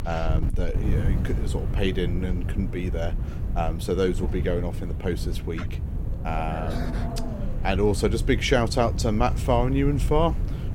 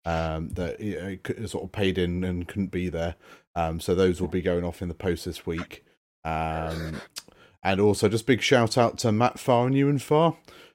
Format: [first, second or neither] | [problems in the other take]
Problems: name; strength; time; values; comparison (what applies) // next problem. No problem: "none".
second | wind noise on the microphone; occasional gusts; 15 dB below the speech